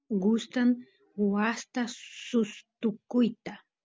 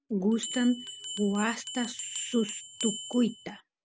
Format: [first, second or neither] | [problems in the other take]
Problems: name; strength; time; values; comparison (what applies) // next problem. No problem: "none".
first | background sound (Bell); 8 dB below the speech